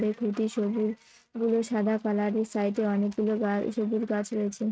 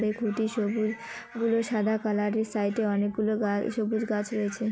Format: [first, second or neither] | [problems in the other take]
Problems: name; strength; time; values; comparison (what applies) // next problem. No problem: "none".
second | noise reduction (neural mask model RNNoise)